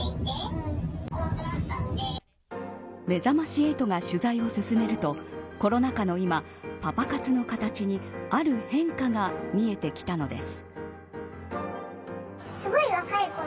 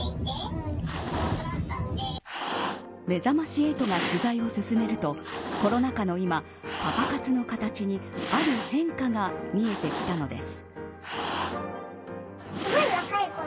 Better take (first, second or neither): first